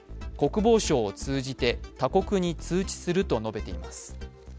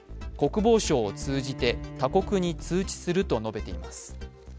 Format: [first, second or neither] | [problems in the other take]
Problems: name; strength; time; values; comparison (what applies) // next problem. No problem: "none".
first | background sound (Bowed string instrument); 15 dB below the speech